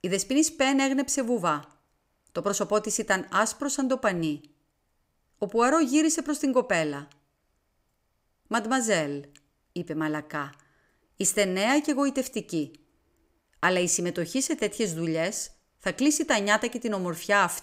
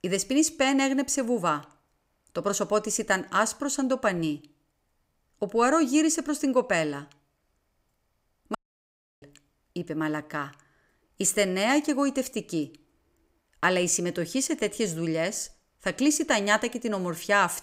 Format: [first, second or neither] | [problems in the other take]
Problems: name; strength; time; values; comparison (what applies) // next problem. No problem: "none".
first | audio cutting out; at 8.5 s for 0.5 s